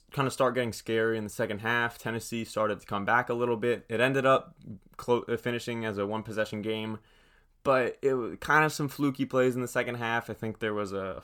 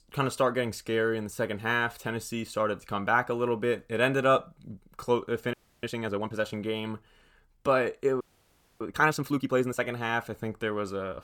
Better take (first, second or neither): first